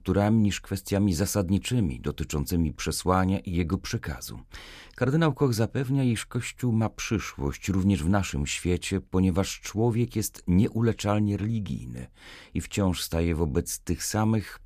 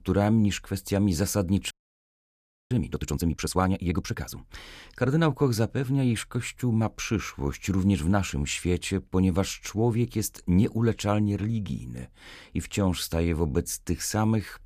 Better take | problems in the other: first | audio freezing; at 1.5 s for 1 s

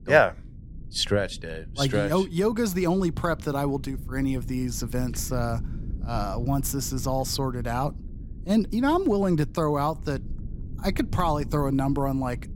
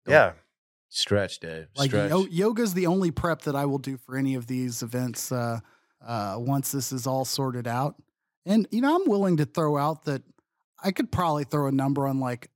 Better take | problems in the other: second | low rumble; faint; throughout; 25 dB below the speech

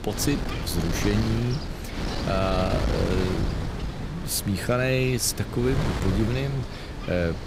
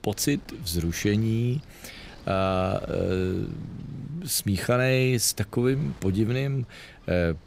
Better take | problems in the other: second | wind noise on the microphone; heavy; 5 dB below the speech; occasional gusts in the second

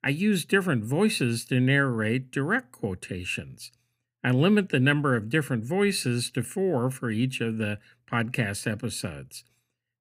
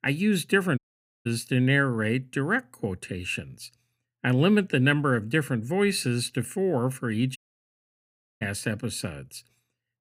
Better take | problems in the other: first | audio cutting out; at 1 s and at 7.5 s for 1 s

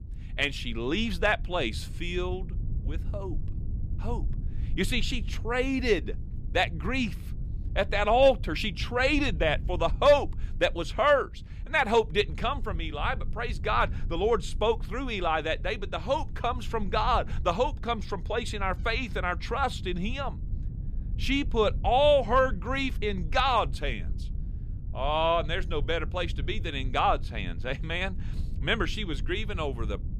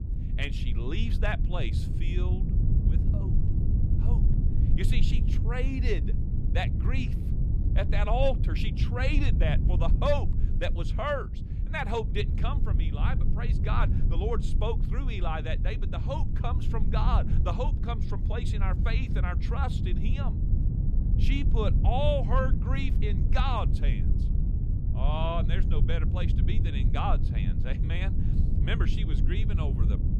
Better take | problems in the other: first | low rumble; loud; throughout; 8 dB below the speech; faint in the first

